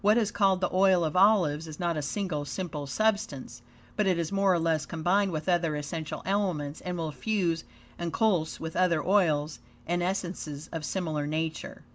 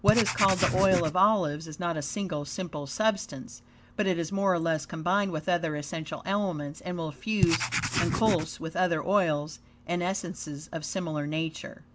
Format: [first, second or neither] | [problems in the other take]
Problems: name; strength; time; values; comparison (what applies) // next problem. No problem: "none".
first | background sound (Writing); as loud as the speech